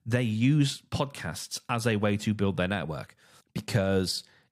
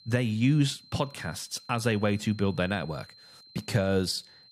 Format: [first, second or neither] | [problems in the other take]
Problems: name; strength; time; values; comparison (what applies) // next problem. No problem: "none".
first | high-pitched whine; faint; throughout; 4 kHz, 25 dB below the speech